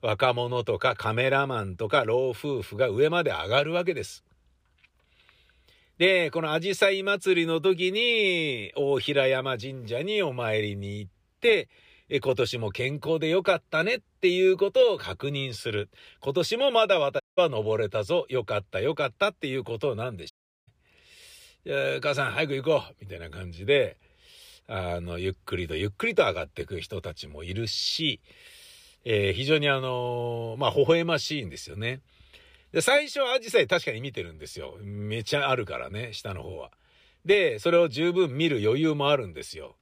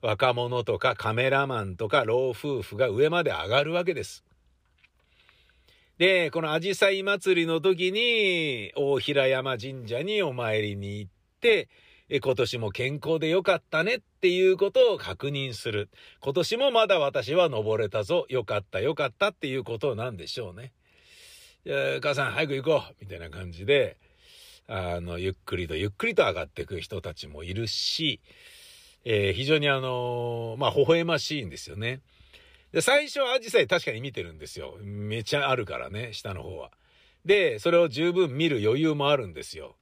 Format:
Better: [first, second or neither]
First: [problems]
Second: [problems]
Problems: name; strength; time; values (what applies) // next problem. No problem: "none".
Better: second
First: audio cutting out; at 17 s and at 20 s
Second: none